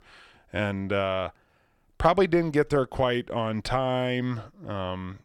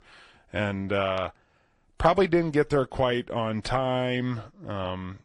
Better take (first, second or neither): first